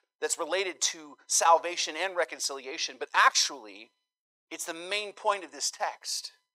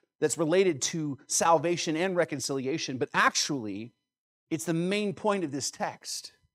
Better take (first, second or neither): second